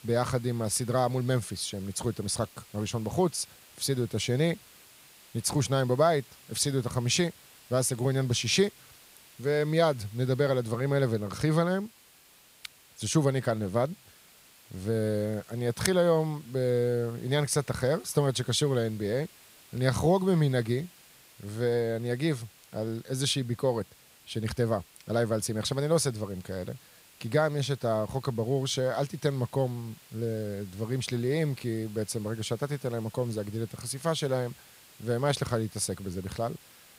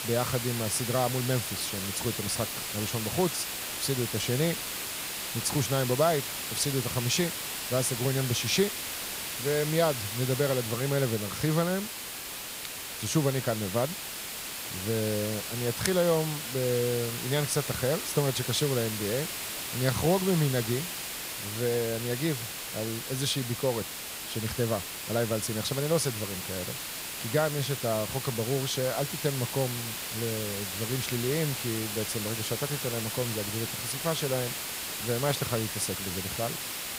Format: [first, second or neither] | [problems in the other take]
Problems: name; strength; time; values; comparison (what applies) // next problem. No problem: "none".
first | hiss; loud; throughout; 3 dB below the speech; faint in the first